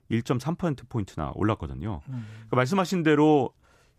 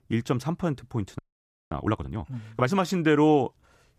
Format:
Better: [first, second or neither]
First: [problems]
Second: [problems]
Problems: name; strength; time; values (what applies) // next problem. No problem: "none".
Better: first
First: none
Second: audio freezing; at 1 s for 0.5 s